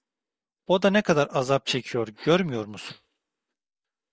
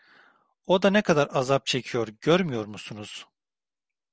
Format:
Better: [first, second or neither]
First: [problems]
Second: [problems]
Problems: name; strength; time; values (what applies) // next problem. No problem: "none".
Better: second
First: noise reduction (neural mask model DeepFilterNet 3)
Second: none